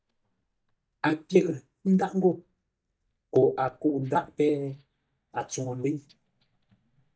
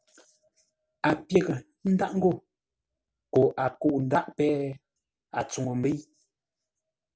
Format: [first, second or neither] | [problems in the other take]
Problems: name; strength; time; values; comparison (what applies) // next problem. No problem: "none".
second | noise reduction (neural mask model DeepFilterNet 3)